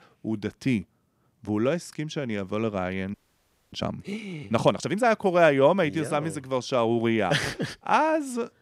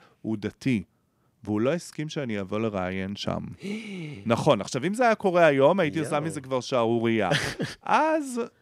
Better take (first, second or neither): second